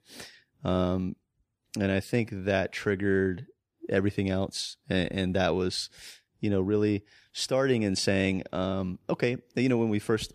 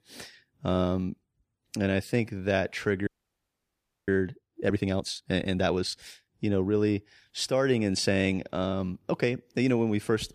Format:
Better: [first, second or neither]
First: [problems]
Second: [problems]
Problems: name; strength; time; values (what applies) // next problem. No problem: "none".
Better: first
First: none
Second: audio freezing; at 3 s for 1 s